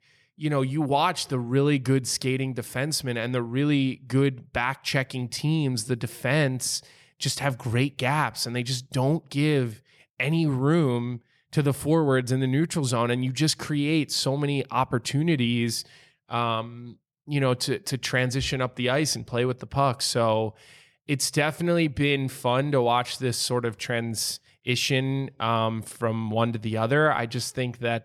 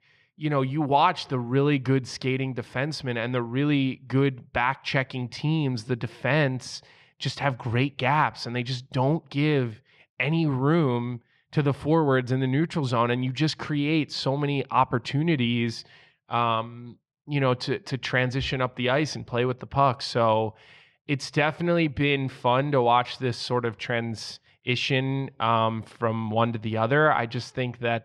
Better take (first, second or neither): first